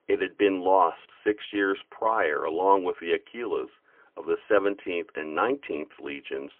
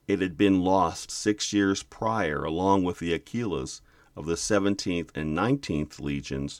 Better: second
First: phone-call audio; poor line; nothing above 3.5 kHz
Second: none

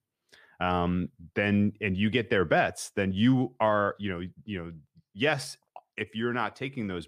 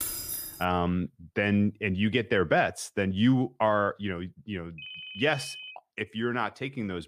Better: first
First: none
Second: jangling keys; noticeable; at the start; peak 3 dB below the speech // phone ringing; faint; at 5 s; peak 10 dB below the speech

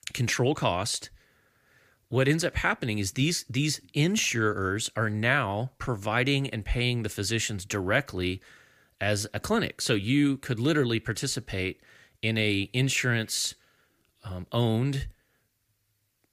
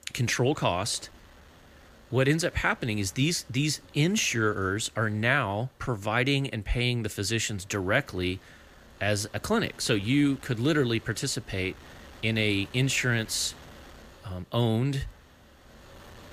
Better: first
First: none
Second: wind noise on the microphone; occasional gusts; 25 dB below the speech

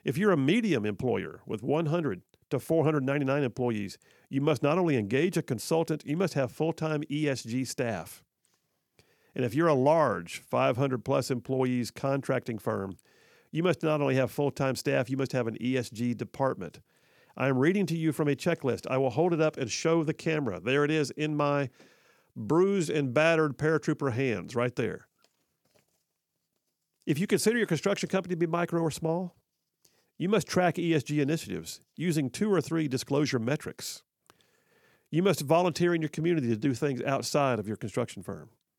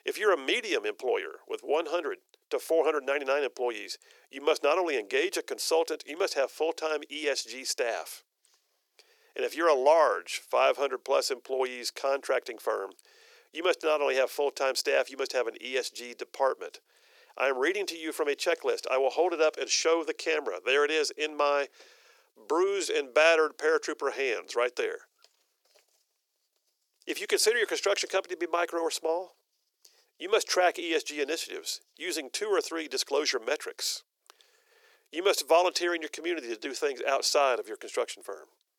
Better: first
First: none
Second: thin; very; fading below 400 Hz

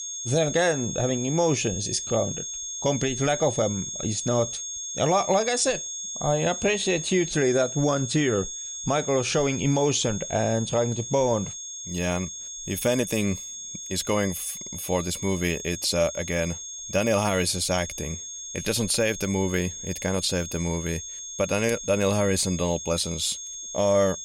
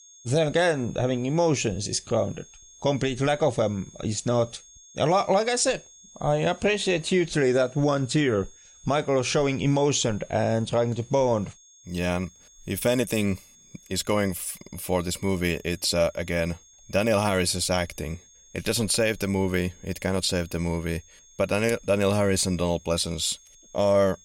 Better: second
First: high-pitched whine; loud; throughout; 6.5 kHz, 7 dB below the speech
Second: high-pitched whine; faint; throughout; 6.5 kHz, 25 dB below the speech

